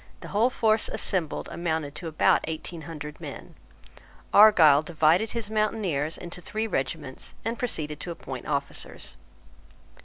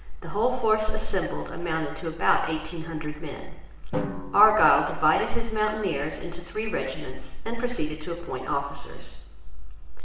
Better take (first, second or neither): first